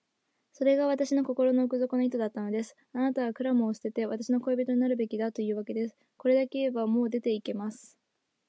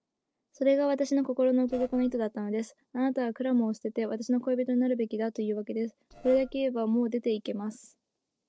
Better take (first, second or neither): first